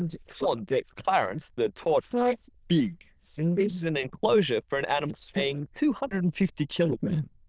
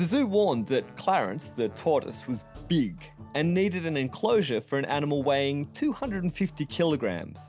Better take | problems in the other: second | noise reduction (neural diffusion model UNIVERSE++)

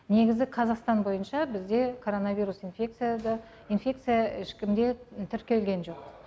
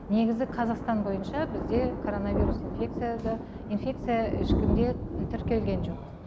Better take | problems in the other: first | background sound (Thunder); 1 dB below the speech

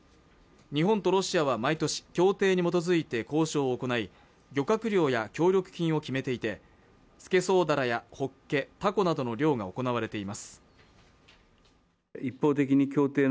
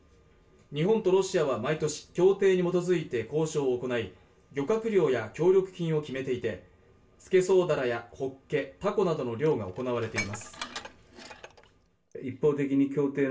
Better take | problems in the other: first | background sound (Dishes, pots, and pans); 14 dB below the speech // room echo; dies away in 0.3 s

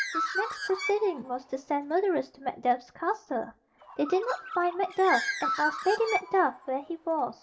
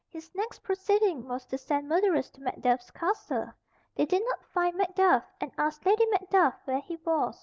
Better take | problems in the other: second | background sound (Bird); 8 dB below the speech // room echo; dies away in 0.2 s

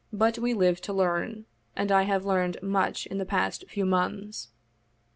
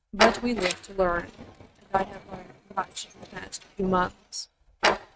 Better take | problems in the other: first | noise reduction (neural mask model RNNoise)

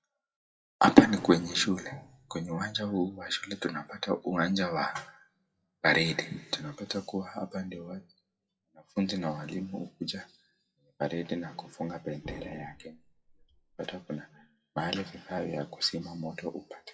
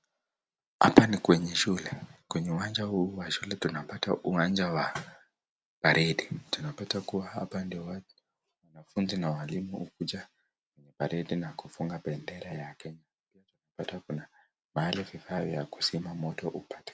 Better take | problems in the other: second | noise reduction (classical method WPE with log-MMSE)

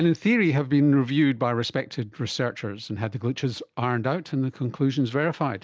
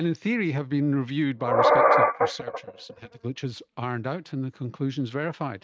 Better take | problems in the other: first | noise reduction (neural mask model RNNoise)

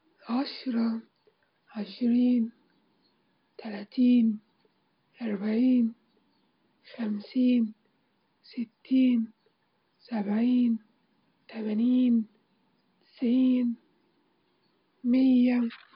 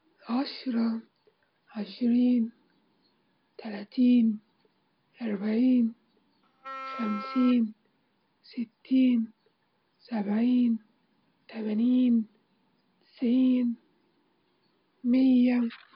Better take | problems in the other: first | background sound (Wind instrument, woodwind instrument); 11 dB below the speech

